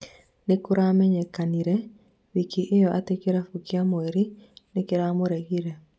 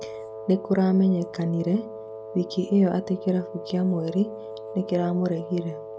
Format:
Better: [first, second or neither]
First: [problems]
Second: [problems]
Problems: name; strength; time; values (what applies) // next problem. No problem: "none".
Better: first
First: none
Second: background sound (Wind instrument, woodwind instrument); 12 dB below the speech